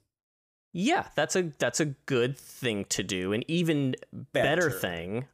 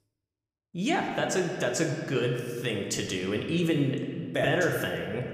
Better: first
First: none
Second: room echo; slight; dies away in 1.7 s

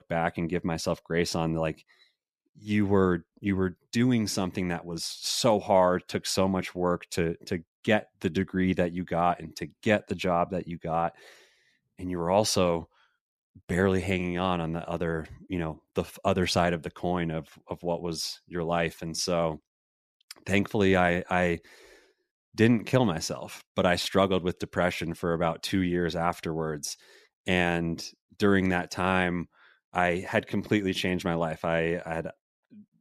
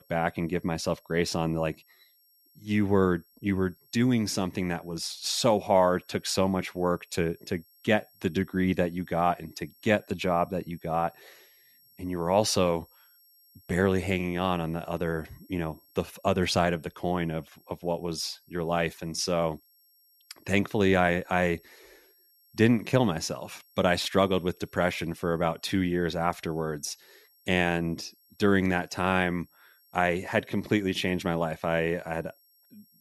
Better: first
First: none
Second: high-pitched whine; faint; throughout; 11.5 kHz, 30 dB below the speech

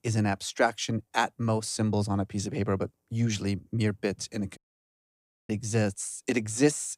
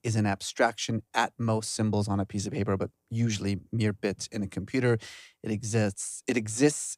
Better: second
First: audio cutting out; at 4.5 s for 1 s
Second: none

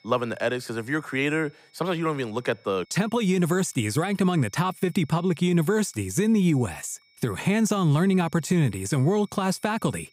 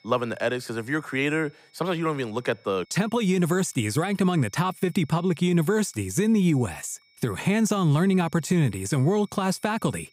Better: neither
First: high-pitched whine; faint; throughout; 2.5 kHz, 35 dB below the speech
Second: high-pitched whine; faint; throughout; 2.5 kHz, 35 dB below the speech

